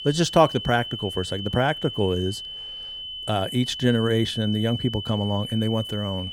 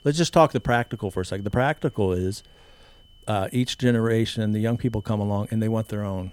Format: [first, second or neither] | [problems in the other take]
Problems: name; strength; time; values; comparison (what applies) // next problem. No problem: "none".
second | high-pitched whine; loud; throughout; 3 kHz, 8 dB below the speech; faint in the second